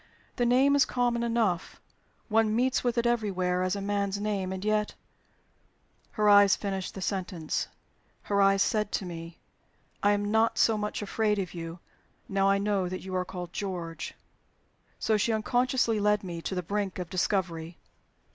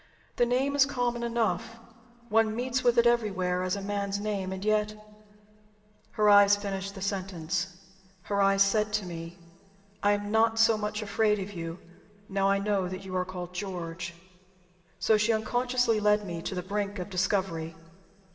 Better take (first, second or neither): first